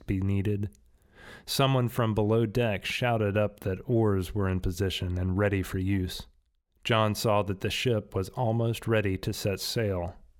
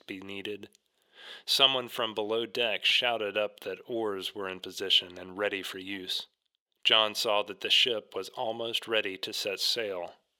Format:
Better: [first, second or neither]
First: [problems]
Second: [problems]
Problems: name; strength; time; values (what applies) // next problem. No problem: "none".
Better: first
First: none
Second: thin; very; fading below 450 Hz